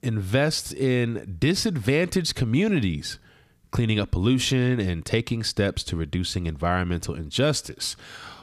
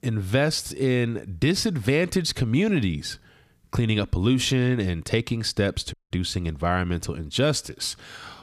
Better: first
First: none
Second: audio cutting out; at 6 s

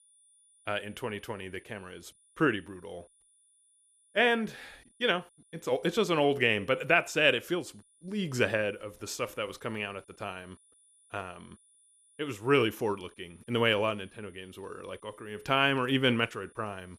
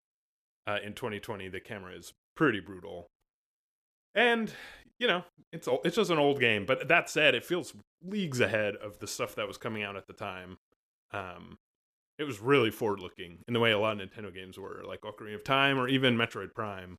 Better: second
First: high-pitched whine; faint; throughout; 10 kHz, 30 dB below the speech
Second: none

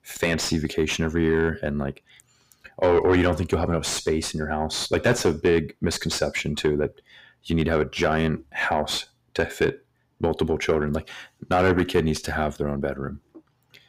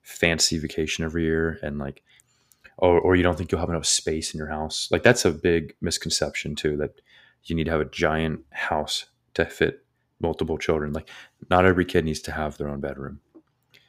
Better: second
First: distortion; heavy; 7 dB below the speech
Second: none

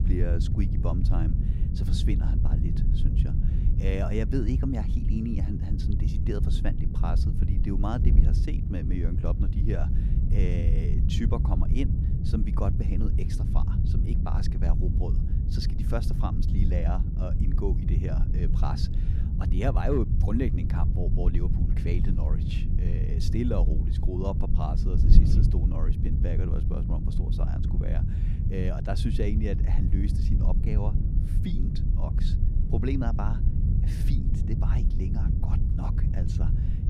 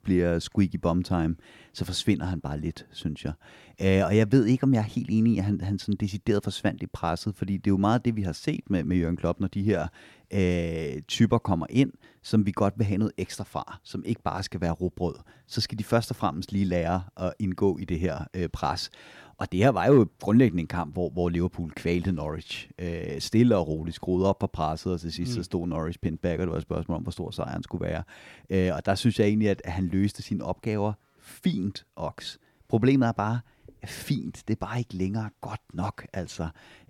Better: second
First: wind noise on the microphone; heavy; 3 dB below the speech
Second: none

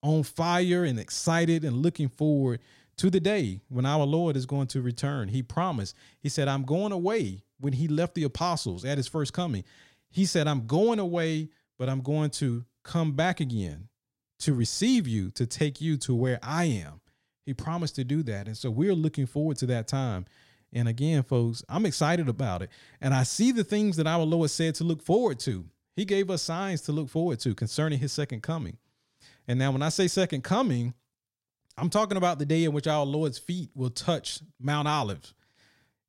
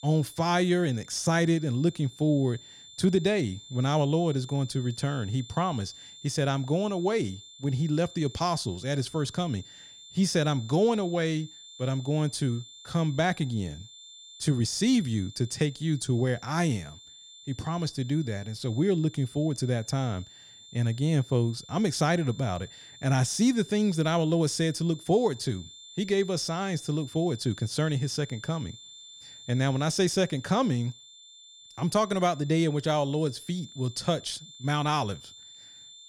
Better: first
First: none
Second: high-pitched whine; noticeable; throughout; 3.5 kHz, 20 dB below the speech

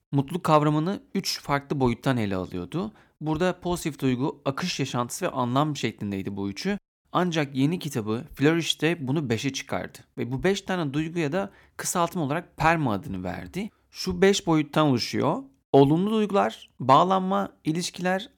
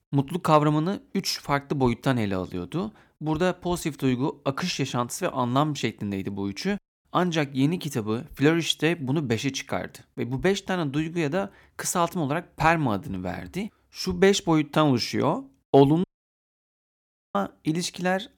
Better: first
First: none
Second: audio cutting out; at 16 s for 1.5 s

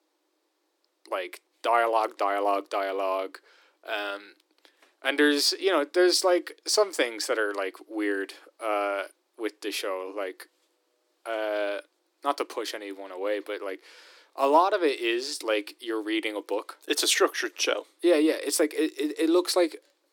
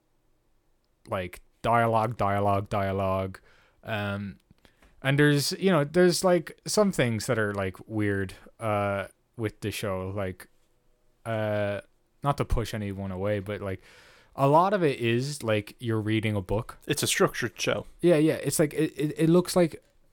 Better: second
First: thin; somewhat; fading below 300 Hz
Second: none

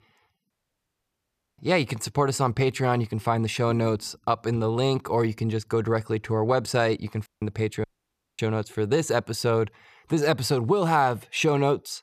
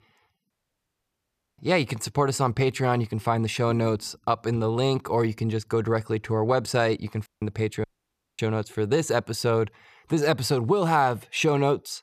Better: neither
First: audio cutting out; at 0.5 s for 1 s, at 7.5 s and at 8 s for 0.5 s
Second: audio cutting out; at 0.5 s for 1 s, at 7.5 s and at 8 s for 0.5 s

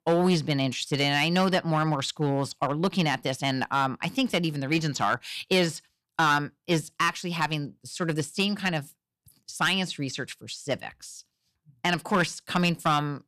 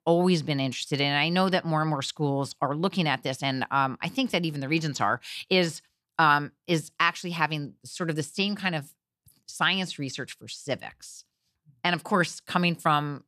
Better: second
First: distortion; slight; 3% of the sound clipped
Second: none

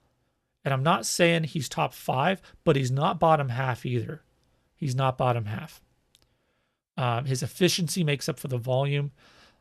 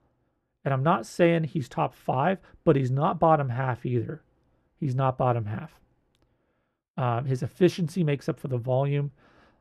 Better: first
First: none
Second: muffled; slightly; fading above 2.5 kHz

